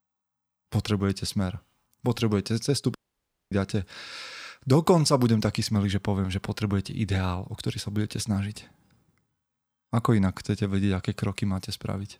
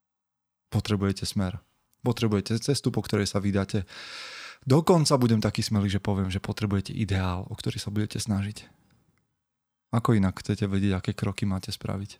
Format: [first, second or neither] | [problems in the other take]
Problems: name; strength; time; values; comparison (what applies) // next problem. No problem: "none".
second | audio cutting out; at 3 s for 0.5 s